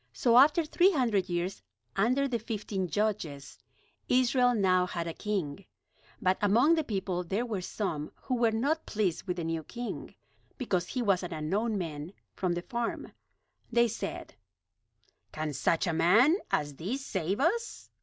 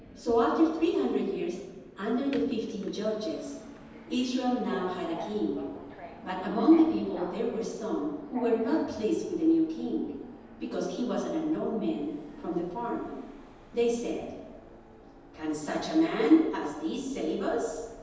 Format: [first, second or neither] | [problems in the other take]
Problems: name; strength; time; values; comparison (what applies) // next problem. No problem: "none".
first | background sound (Subway, metro, underground); 18 dB below the speech // room echo; dies away in 1.1 s